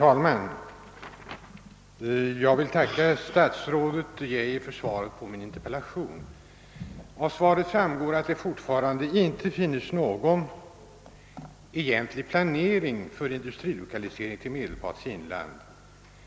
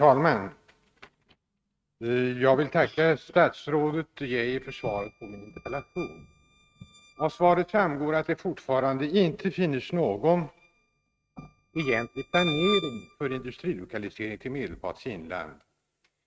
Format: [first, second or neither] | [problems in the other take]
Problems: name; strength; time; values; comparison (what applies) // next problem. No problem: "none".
first | noise reduction (neural mask model RNNoise)